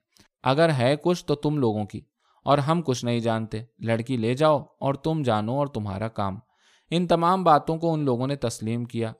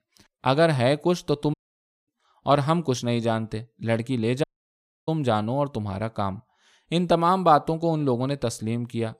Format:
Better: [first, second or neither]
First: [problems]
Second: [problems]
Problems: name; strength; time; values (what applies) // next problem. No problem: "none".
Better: first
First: none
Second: audio cutting out; at 1.5 s for 0.5 s and at 4.5 s for 0.5 s